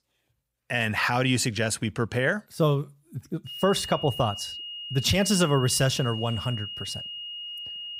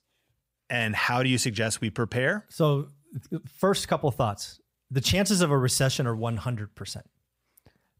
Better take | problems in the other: second | high-pitched whine; loud; from 3.5 s on; 3 kHz, 9 dB below the speech

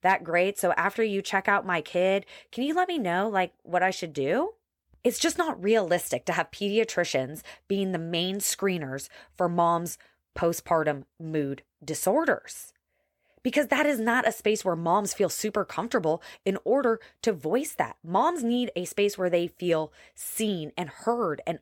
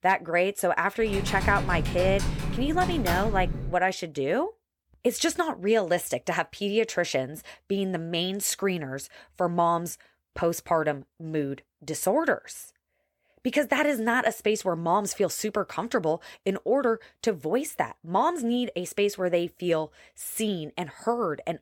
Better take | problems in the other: first | keyboard typing; noticeable; from 1 to 4 s; peak 3 dB below the speech

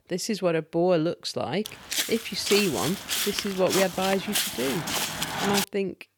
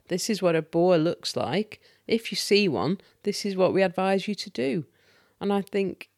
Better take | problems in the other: second | footsteps; loud; from 1.5 to 5.5 s; peak 1 dB above the speech

